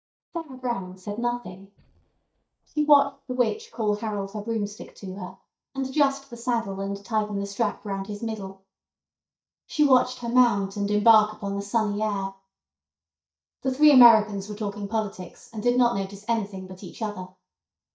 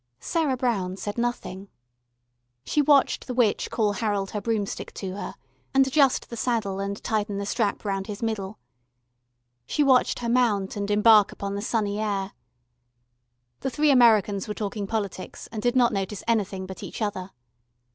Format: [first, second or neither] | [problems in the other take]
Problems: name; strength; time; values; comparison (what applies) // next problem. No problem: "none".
second | noise reduction (neural mask model DeepFilterNet 3)